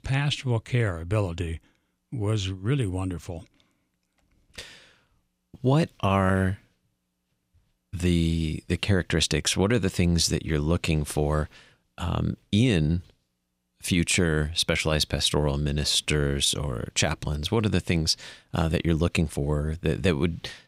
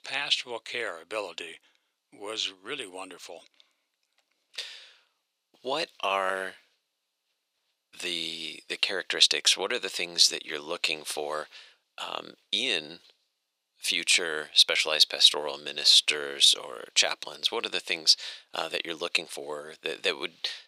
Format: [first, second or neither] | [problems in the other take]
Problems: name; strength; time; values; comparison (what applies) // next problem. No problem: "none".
first | thin; very; fading below 500 Hz